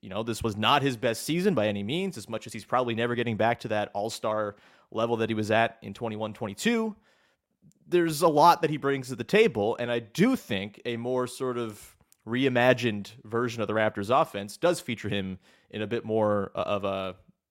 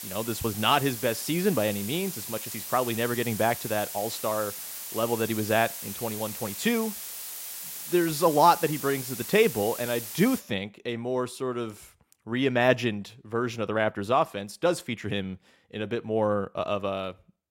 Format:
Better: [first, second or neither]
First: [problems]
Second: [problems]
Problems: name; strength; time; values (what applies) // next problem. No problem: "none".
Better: first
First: none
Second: hiss; loud; until 10 s; 8 dB below the speech